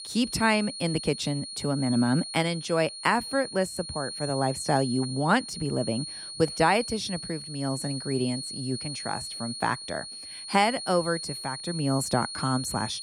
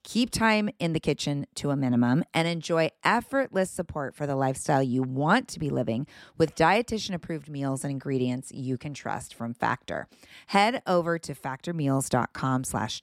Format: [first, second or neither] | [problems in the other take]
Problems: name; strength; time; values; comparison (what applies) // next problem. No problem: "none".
second | high-pitched whine; loud; throughout; 4.5 kHz, 8 dB below the speech